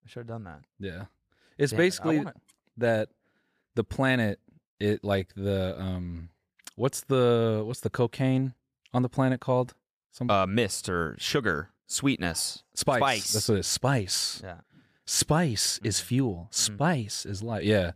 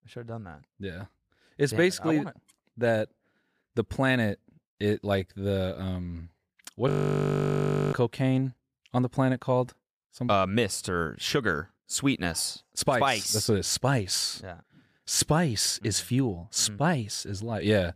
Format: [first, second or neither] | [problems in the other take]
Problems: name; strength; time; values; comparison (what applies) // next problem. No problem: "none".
first | audio freezing; at 7 s for 1 s